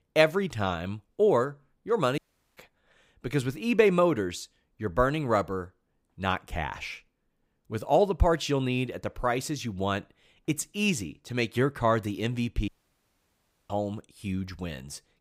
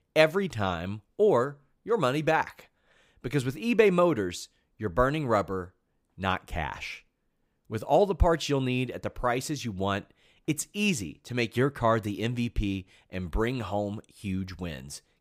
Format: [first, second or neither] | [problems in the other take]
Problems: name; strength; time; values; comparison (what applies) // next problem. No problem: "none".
second | audio cutting out; at 2 s and at 13 s for 1 s